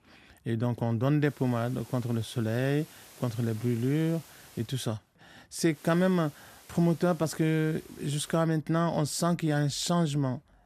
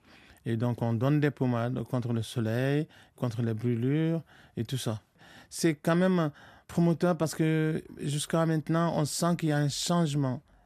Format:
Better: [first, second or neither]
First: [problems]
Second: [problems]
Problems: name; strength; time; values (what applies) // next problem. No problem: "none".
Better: second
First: hiss; faint; from 1.5 to 4.5 s and from 5.5 to 8.5 s; 25 dB below the speech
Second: none